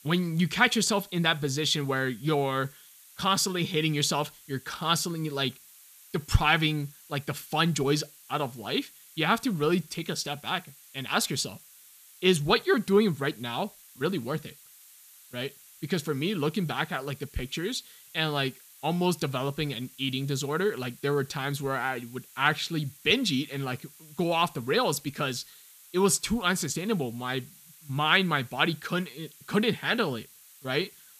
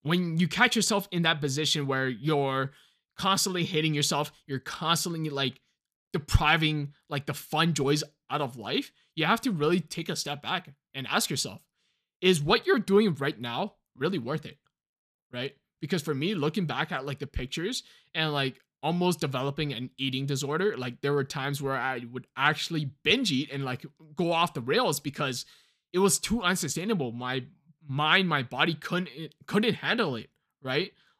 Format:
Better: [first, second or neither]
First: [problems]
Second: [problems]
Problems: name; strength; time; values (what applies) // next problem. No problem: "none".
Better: second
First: hiss; faint; throughout; 20 dB below the speech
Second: none